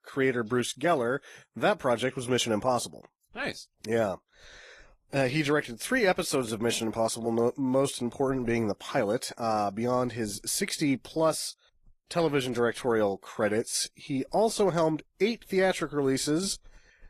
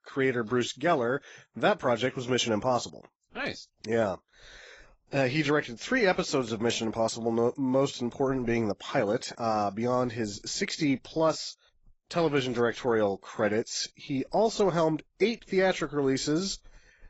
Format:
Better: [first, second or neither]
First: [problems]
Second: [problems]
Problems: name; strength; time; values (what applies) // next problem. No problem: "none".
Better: first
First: garbled, watery; slightly; nothing above 14 kHz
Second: garbled, watery; badly; nothing above 7.5 kHz